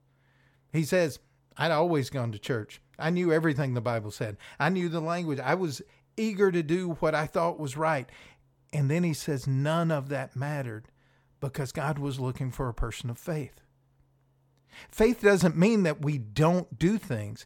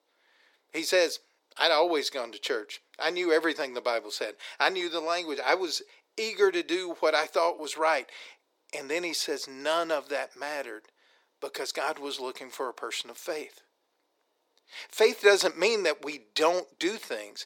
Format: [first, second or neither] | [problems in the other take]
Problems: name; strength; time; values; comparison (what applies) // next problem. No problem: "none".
first | thin; very; fading below 350 Hz